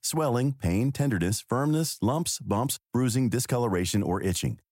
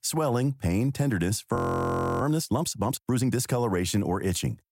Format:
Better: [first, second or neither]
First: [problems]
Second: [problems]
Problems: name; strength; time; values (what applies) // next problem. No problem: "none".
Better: first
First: none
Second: audio freezing; at 1.5 s for 0.5 s